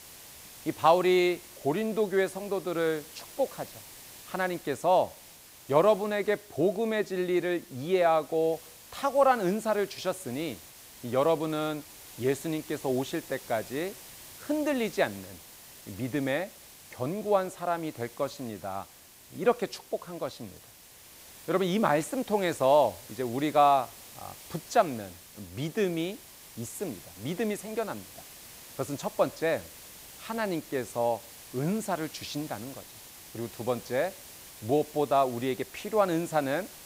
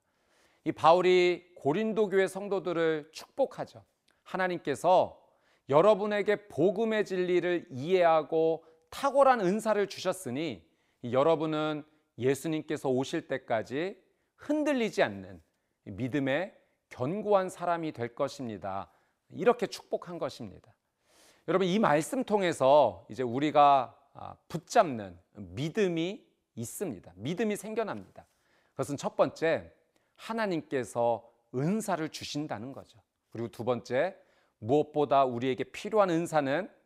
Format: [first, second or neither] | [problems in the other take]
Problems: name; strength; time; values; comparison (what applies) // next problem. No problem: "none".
second | hiss; noticeable; throughout; 15 dB below the speech